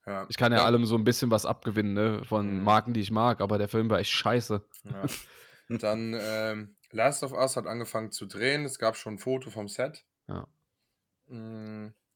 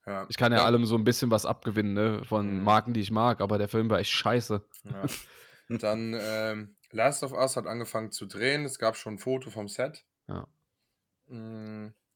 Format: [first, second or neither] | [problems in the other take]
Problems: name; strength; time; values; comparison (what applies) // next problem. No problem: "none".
neither | none